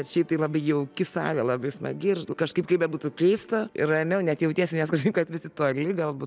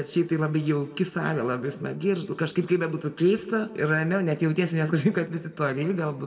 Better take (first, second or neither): first